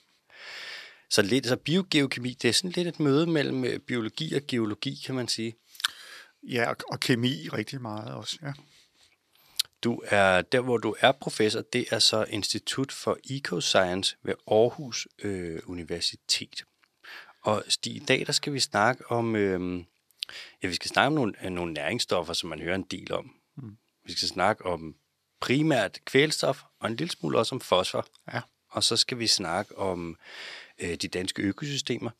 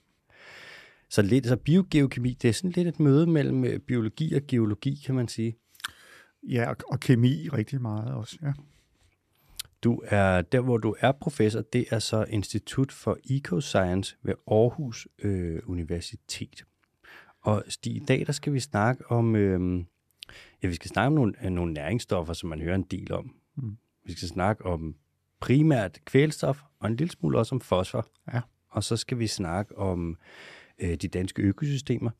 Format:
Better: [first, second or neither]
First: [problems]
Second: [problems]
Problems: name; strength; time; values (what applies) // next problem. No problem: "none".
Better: second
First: thin; somewhat; fading below 1 kHz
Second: none